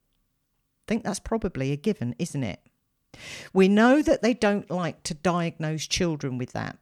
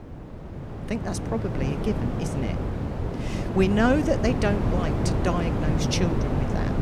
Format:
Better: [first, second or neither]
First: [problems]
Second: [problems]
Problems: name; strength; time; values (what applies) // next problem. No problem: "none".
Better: first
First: none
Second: wind noise on the microphone; heavy; 4 dB below the speech